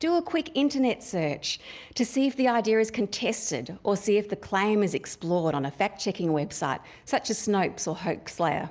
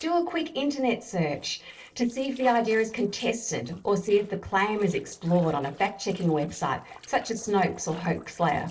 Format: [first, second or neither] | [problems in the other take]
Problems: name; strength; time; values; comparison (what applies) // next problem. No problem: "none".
first | noise reduction (neural separator model SepFormer DNS4)